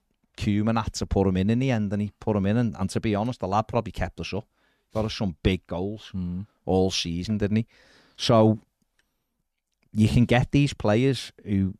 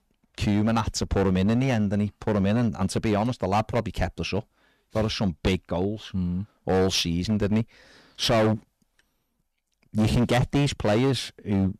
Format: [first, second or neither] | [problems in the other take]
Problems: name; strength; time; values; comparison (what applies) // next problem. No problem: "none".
first | distortion; heavy; 11% of the sound clipped